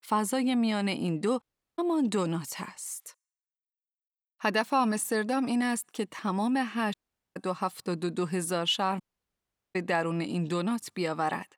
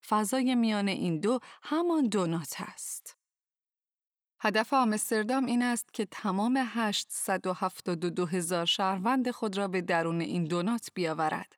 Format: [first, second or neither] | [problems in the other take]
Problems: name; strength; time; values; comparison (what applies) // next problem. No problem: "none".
second | audio cutting out; at 1.5 s, at 7 s and at 9 s for 1 s